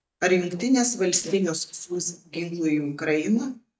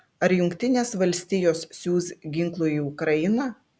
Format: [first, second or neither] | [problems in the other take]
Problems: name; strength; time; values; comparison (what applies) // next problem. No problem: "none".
second | noise reduction (neural mask model DeepFilterNet 3)